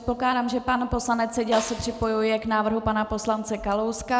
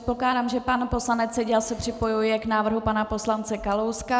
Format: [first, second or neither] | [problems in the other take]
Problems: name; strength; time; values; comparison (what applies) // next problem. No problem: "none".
second | background sound (Snare drum); 16 dB below the speech